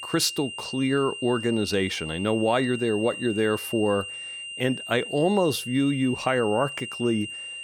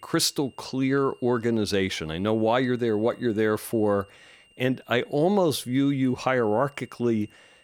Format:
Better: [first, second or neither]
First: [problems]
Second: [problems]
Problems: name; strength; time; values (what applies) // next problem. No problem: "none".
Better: second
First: high-pitched whine; loud; throughout; 3 kHz, 9 dB below the speech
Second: high-pitched whine; faint; throughout; 3 kHz, 30 dB below the speech